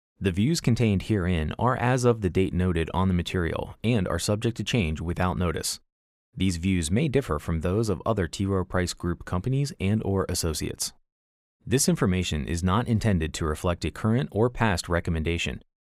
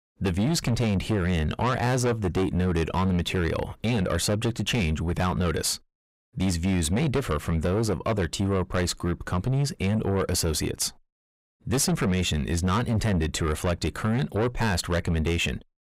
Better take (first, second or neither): first